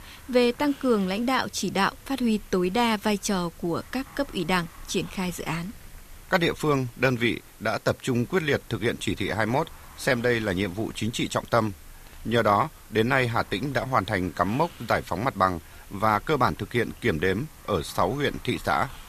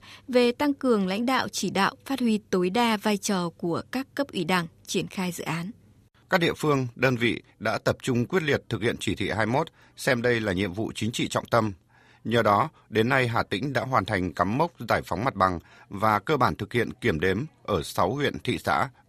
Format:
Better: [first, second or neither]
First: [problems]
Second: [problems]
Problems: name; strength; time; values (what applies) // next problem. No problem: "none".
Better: second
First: hiss; faint; throughout; 20 dB below the speech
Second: none